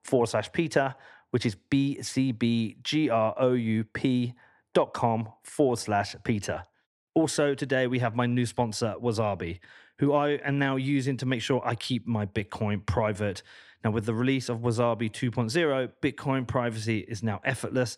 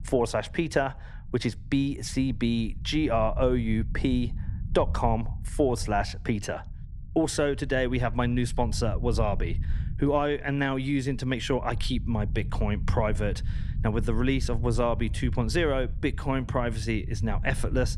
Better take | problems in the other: first | low rumble; faint; throughout; 20 dB below the speech

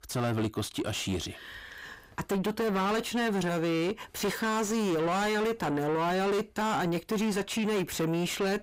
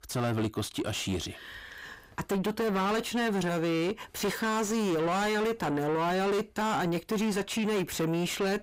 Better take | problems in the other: neither | distortion; heavy; 6 dB below the speech; the same in both

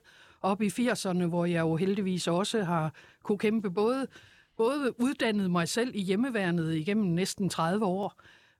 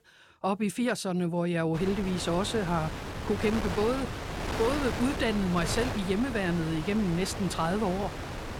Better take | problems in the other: first | wind noise on the microphone; heavy; from 2 s on; 5 dB below the speech

